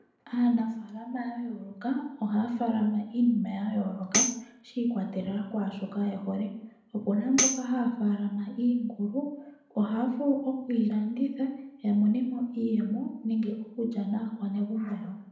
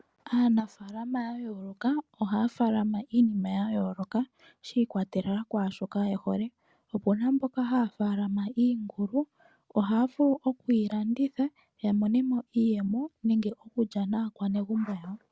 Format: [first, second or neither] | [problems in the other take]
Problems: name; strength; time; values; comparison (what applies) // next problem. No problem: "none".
second | background sound (Tambourine); 3 dB below the speech // room echo; dies away in 0.7 s